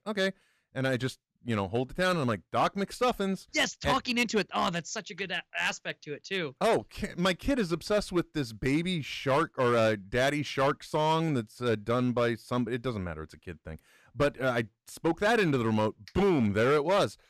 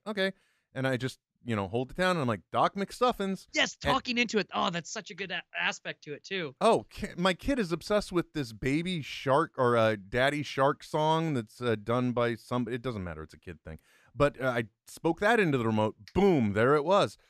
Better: second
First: distortion; slight; 5% of the sound clipped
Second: none

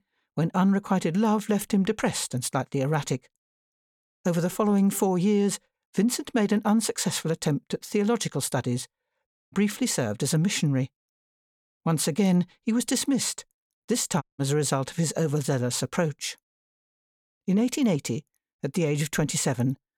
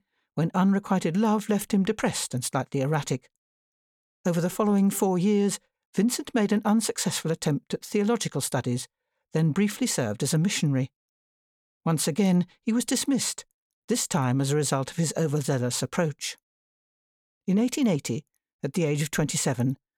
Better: second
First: audio cutting out; at 9.5 s and at 14 s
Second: none

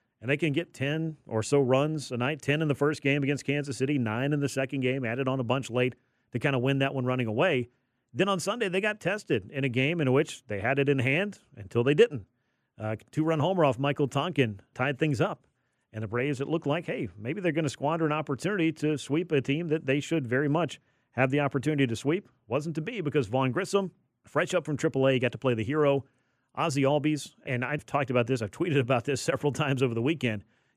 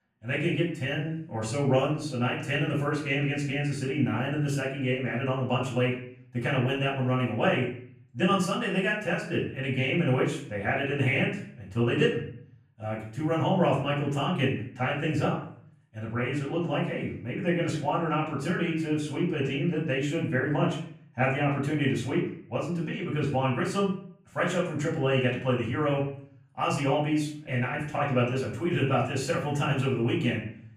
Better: first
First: none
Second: off-mic speech; far // room echo; noticeable; dies away in 0.5 s

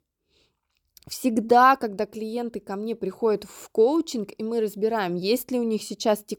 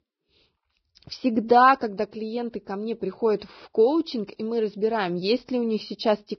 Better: first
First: none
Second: garbled, watery; badly; nothing above 5 kHz

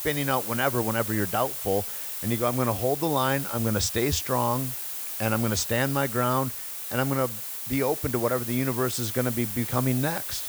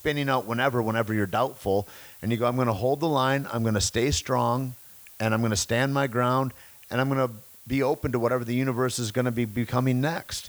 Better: second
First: hiss; loud; throughout; 4 dB below the speech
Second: hiss; faint; throughout; 20 dB below the speech

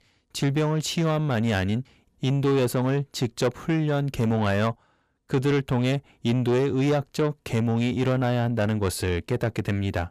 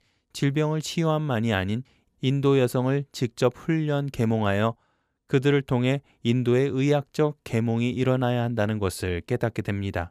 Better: second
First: distortion; slight; 10 dB below the speech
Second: none

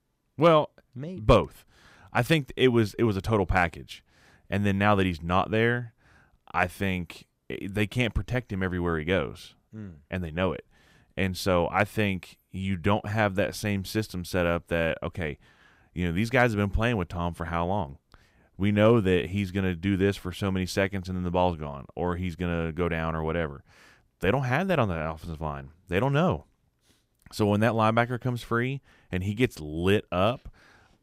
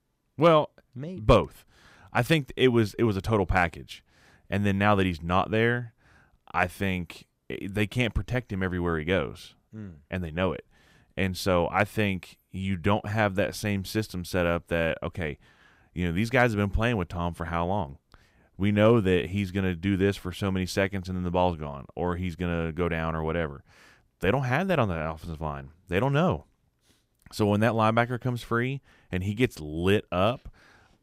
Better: neither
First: none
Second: none

